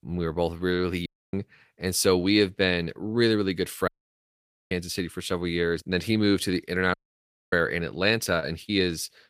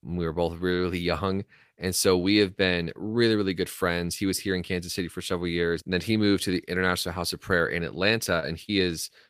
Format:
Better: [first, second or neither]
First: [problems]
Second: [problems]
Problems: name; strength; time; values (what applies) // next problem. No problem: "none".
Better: second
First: audio cutting out; at 1 s, at 4 s for 1 s and at 7 s for 0.5 s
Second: none